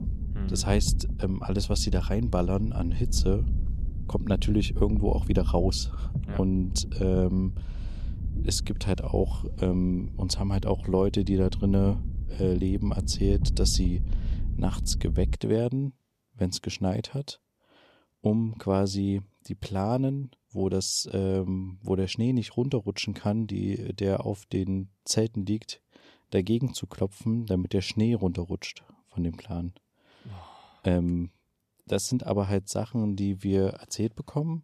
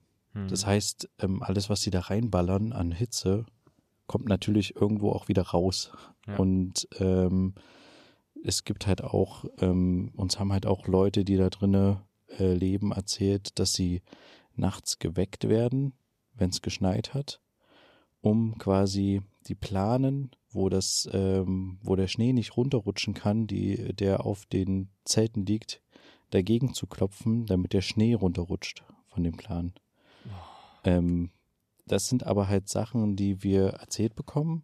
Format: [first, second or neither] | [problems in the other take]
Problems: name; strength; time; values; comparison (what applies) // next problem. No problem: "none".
second | low rumble; noticeable; until 15 s; 15 dB below the speech